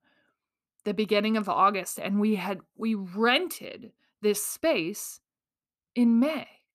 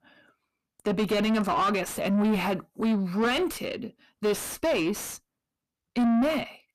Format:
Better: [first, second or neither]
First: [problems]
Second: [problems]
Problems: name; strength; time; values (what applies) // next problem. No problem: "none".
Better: first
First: none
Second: distortion; heavy; 6 dB below the speech